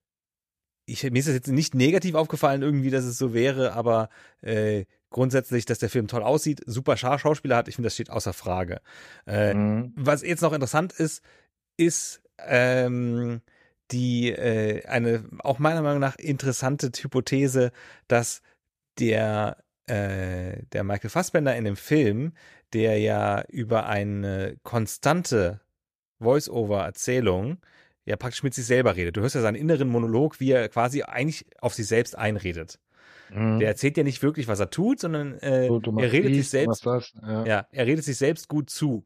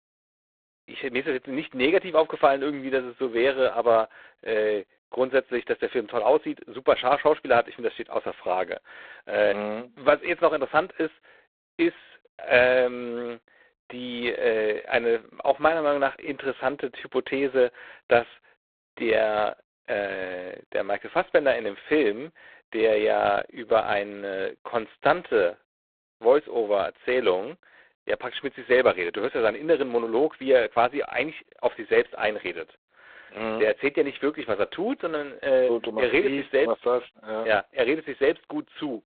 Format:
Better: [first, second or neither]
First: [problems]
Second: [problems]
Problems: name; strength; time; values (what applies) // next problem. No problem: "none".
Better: first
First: none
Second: phone-call audio; poor line; nothing above 4 kHz